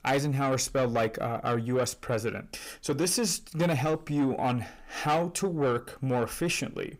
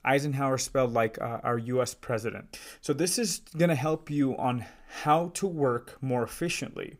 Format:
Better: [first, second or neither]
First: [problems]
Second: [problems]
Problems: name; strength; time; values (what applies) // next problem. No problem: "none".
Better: second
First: distortion; slight; 10 dB below the speech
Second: none